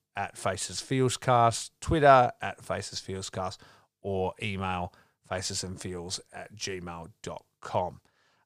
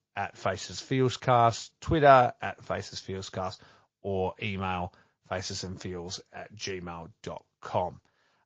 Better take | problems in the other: first | garbled, watery; slightly; nothing above 7 kHz

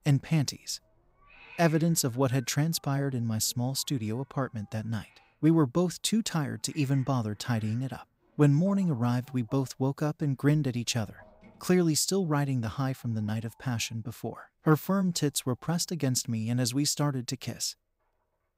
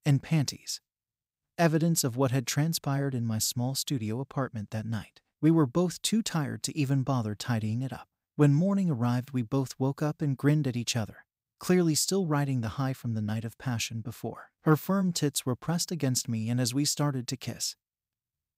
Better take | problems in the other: second | animal sounds; faint; throughout; 30 dB below the speech

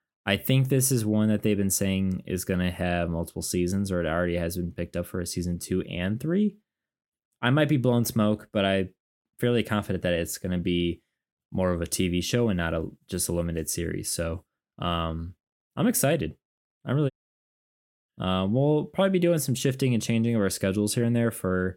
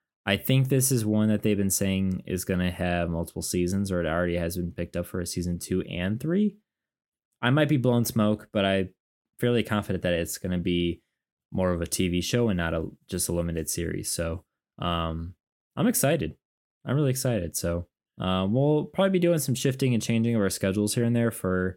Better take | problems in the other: second | audio cutting out; at 17 s for 1 s

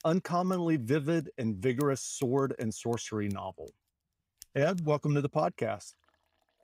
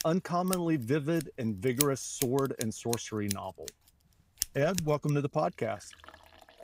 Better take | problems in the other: first | household noises; loud; throughout; 6 dB below the speech; faint in the first

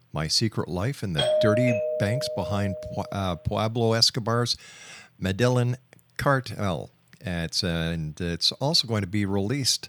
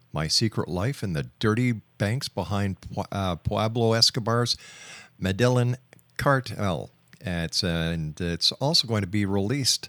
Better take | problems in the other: second | doorbell; loud; from 1 to 3 s; peak 3 dB above the speech

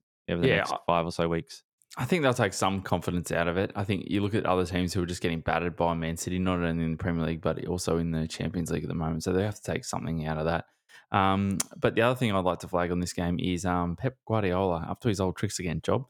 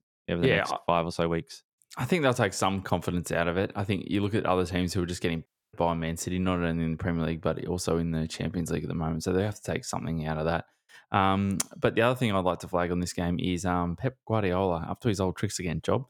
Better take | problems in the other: first | audio cutting out; at 5.5 s

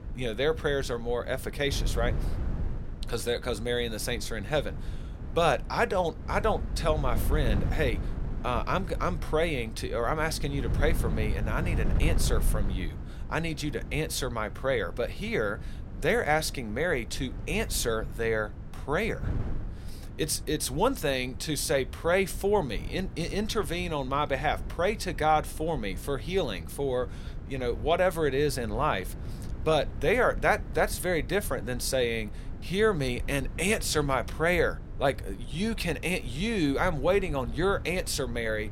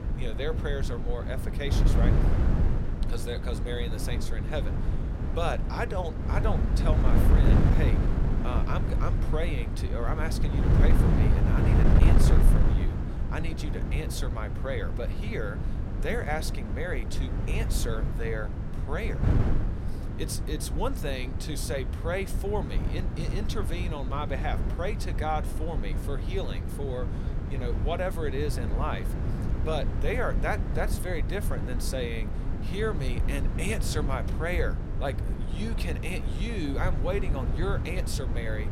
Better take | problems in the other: first | wind noise on the microphone; heavy; 4 dB below the speech; occasional gusts in the first

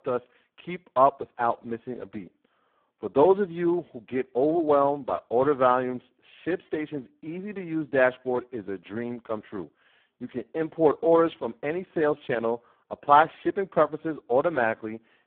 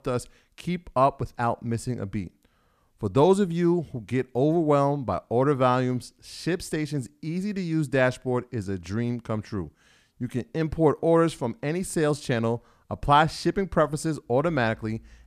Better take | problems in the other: second | phone-call audio; poor line

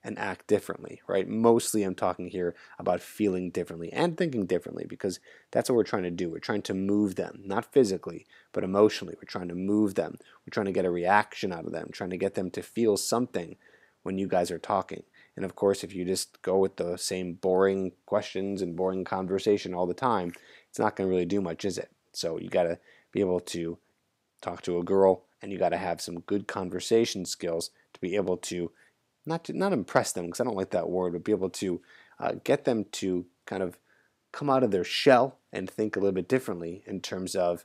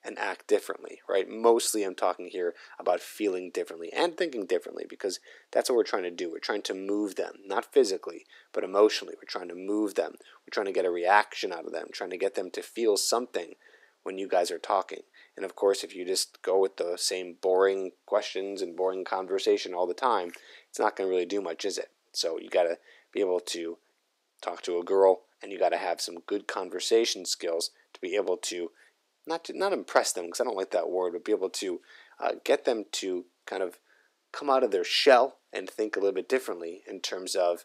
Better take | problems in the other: first | thin; somewhat; fading below 350 Hz

